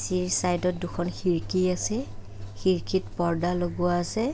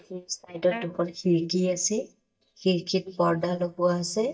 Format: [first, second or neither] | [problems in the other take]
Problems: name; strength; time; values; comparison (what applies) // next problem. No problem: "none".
first | noise reduction (neural mask model DeepFilterNet 3)